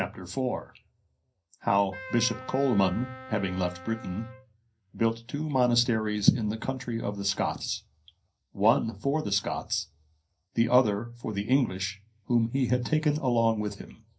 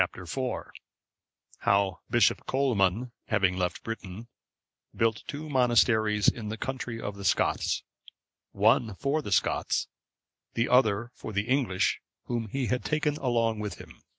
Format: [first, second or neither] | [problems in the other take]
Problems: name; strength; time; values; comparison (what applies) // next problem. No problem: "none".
second | background sound (Wind instrument, woodwind instrument); 15 dB below the speech // room echo; dies away in 0.3 s